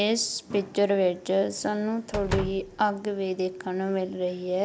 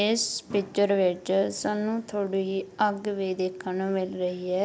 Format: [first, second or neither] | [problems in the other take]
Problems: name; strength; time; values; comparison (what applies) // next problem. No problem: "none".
second | background sound (Slam); 10 dB below the speech